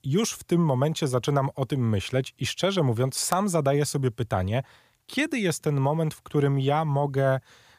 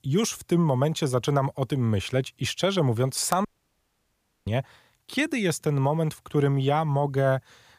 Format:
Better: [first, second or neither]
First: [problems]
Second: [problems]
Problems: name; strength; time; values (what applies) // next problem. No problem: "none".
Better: first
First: none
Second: audio cutting out; at 3.5 s for 1 s